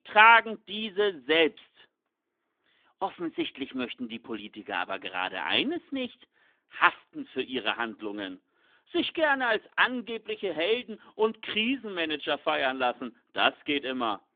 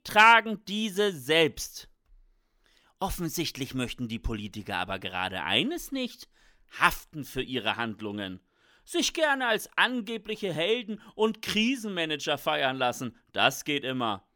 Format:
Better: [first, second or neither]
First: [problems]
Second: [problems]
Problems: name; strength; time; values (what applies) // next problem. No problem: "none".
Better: second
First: phone-call audio; nothing above 3.5 kHz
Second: none